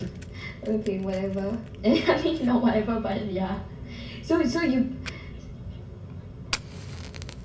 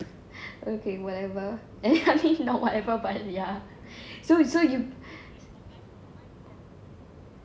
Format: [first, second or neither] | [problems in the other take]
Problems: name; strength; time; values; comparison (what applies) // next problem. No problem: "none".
second | background sound (Fire); 18 dB below the speech // room echo; dies away in 0.1 s